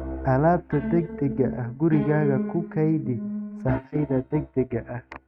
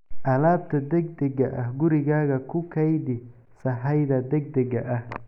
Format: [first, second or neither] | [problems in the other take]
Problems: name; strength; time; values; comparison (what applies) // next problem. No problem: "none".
second | noise reduction (neural mask model RNNoise)